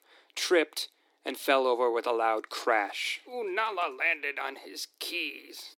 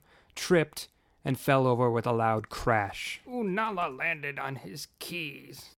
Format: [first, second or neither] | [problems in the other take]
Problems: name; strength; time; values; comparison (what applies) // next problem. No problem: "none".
second | thin; somewhat; fading below 300 Hz